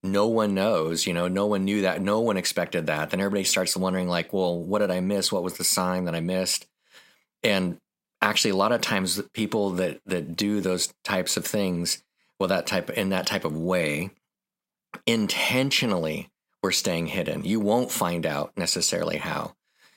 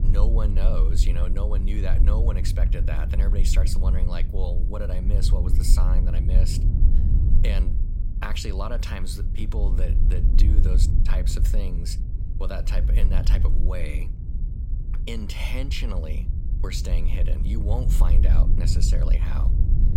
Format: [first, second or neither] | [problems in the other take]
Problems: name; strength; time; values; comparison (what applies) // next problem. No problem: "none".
first | wind noise on the microphone; heavy; 6 dB below the speech